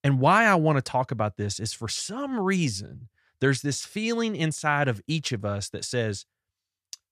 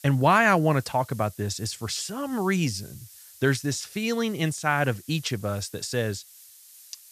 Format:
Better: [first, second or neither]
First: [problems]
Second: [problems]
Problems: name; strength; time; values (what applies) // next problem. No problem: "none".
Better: first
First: none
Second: hiss; faint; throughout; 20 dB below the speech